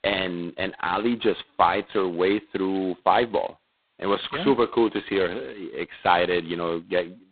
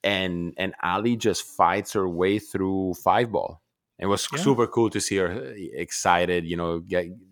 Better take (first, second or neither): second